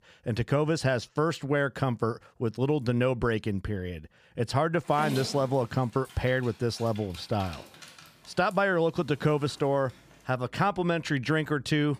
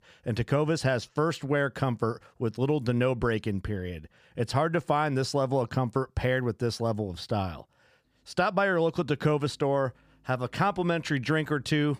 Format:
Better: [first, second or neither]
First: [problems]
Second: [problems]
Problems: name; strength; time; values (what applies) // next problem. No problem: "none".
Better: second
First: dog barking; noticeable; from 5 to 10 s; peak 7 dB below the speech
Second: none